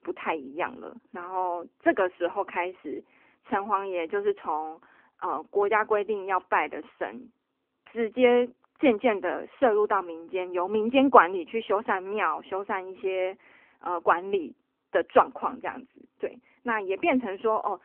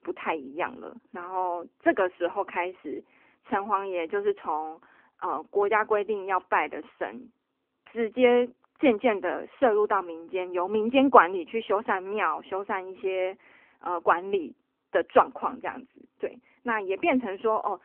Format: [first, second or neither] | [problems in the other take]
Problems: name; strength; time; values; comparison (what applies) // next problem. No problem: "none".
neither | phone-call audio; nothing above 3 kHz; the same in both